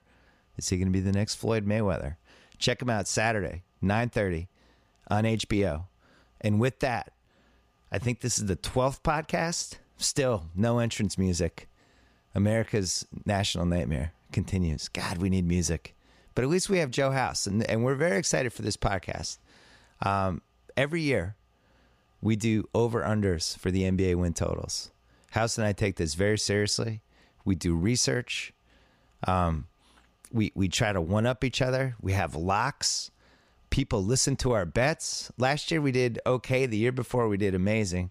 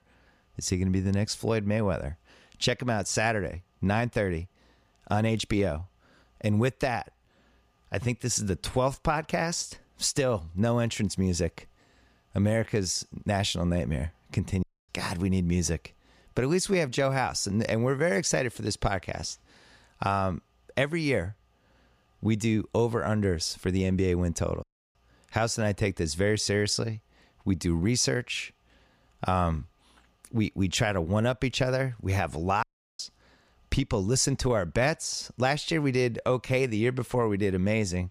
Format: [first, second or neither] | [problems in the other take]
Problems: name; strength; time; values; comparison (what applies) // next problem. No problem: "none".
first | audio cutting out; at 15 s, at 25 s and at 33 s